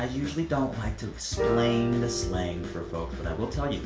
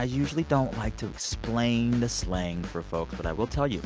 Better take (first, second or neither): second